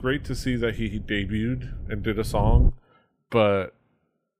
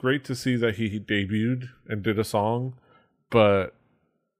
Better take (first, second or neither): second